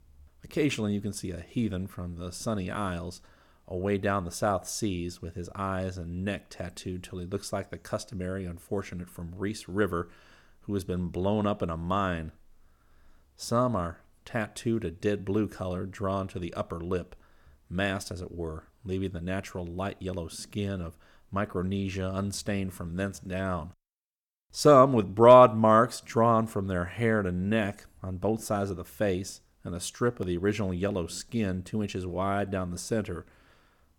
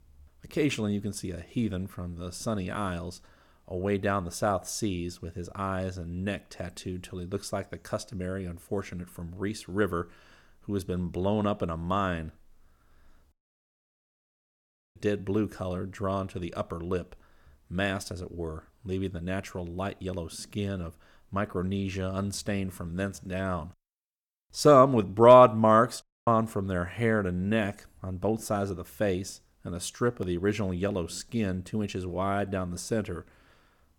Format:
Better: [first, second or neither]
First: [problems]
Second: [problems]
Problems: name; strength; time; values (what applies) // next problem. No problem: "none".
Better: first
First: none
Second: audio cutting out; at 13 s for 1.5 s and at 26 s